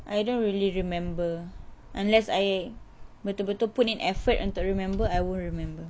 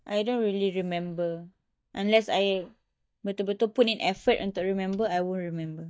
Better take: first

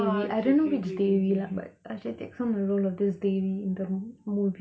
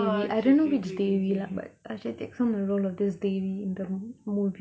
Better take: second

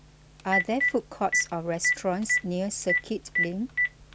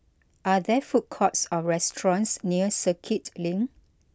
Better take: second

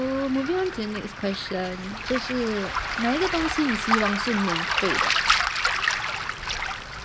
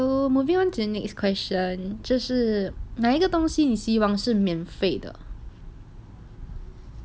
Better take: second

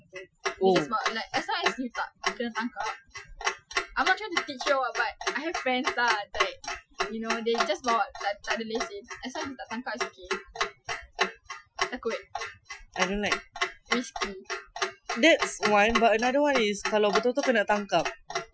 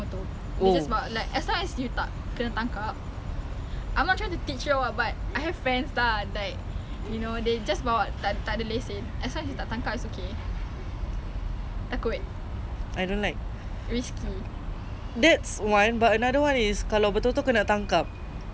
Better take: second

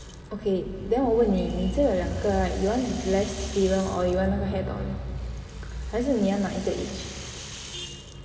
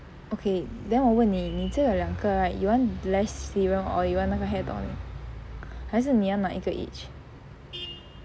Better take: second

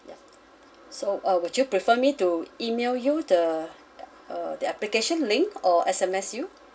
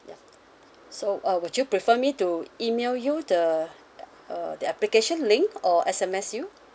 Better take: second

